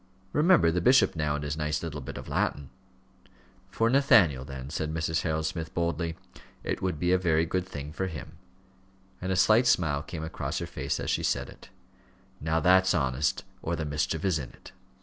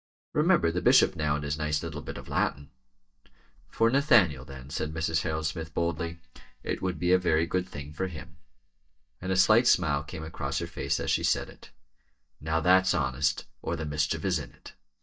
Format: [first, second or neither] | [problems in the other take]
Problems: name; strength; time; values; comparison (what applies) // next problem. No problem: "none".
first | noise reduction (neural mask model DeepFilterNet 3)